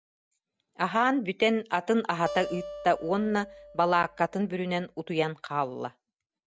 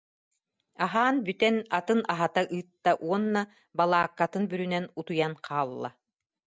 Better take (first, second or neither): second